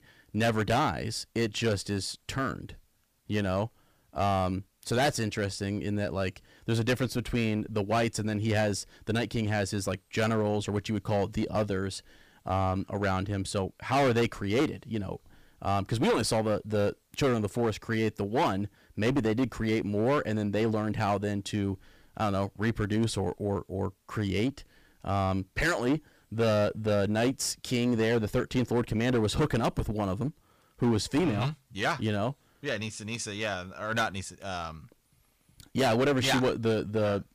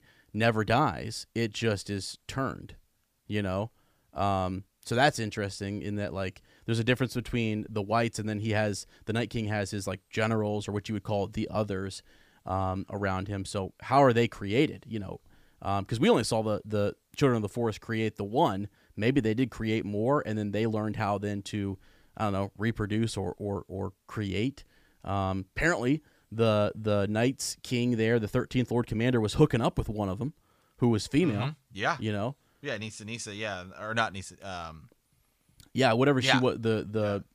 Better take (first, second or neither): second